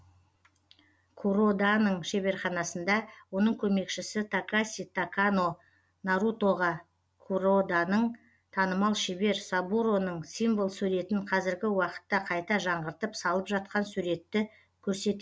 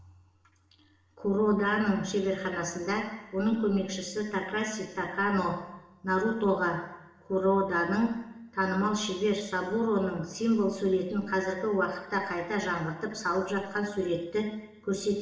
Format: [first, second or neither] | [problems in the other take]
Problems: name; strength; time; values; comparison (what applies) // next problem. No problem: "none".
first | room echo; dies away in 0.9 s